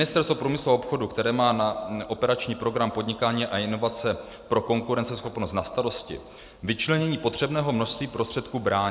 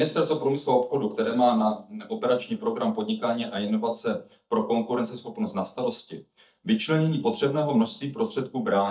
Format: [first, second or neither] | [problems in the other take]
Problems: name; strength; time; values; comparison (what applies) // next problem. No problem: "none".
first | noise reduction (neural mask model DeepFilterNet 3)